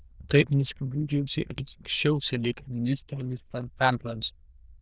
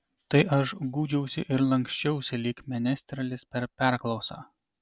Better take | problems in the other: second | noise reduction (neural diffusion model UNIVERSE++)

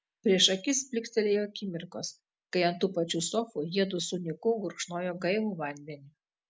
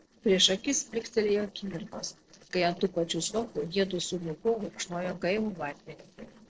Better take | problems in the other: first | noise reduction (neural separator model SepFormer DNS4)

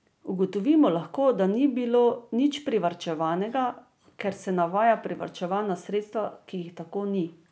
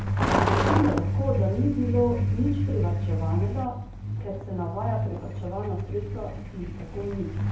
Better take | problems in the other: first | background sound (Truck); 4 dB above the speech // room echo; dies away in 0.6 s

